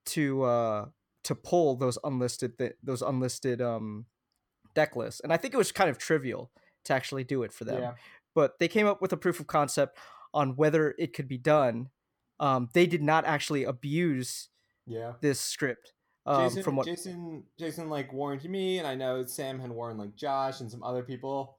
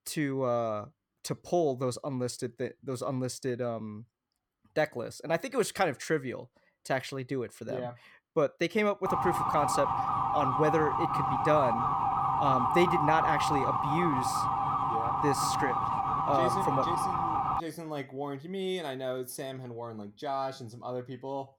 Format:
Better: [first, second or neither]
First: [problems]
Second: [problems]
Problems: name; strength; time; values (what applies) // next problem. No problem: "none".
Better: first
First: none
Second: siren; loud; from 9 to 18 s; peak 5 dB above the speech